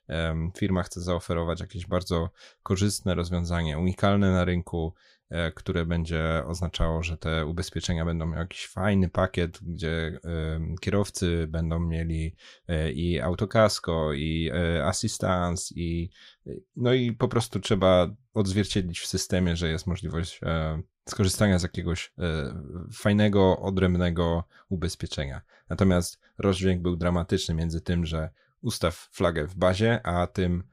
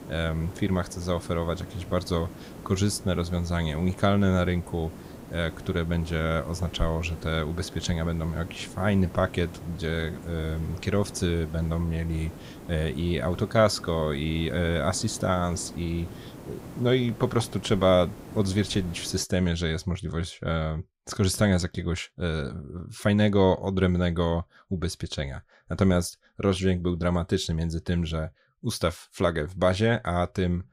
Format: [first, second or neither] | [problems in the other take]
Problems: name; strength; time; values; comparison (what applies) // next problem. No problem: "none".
first | hiss; noticeable; until 19 s; 15 dB below the speech